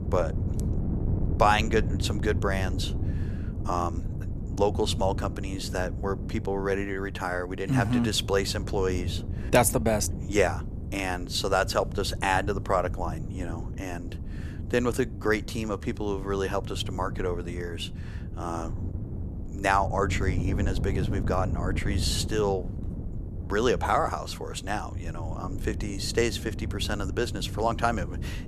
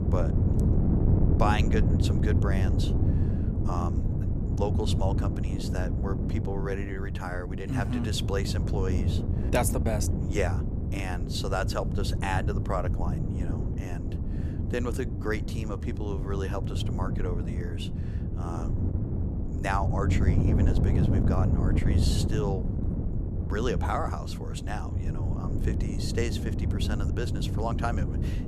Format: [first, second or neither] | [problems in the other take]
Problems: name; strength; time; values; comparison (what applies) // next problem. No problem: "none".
first | wind noise on the microphone; heavy; 4 dB below the speech; occasional gusts in the first